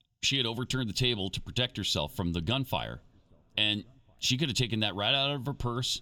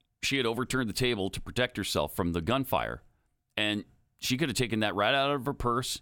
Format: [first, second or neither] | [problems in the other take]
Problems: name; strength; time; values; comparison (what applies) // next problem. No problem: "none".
second | room echo; very slight; dies away in 3 s